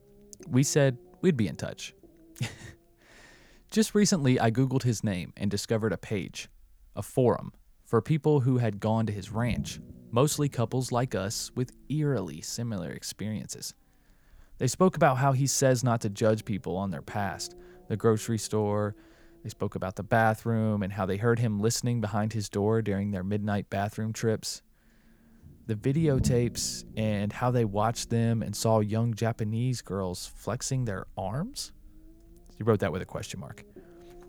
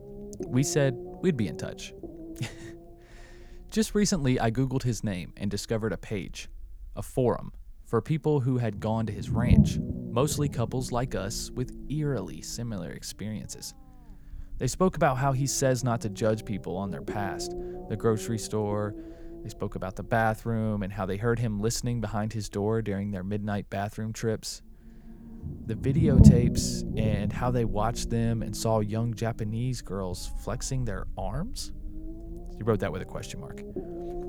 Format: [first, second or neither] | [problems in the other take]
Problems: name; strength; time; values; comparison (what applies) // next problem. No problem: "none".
first | low rumble; loud; throughout; 7 dB below the speech; faint in the first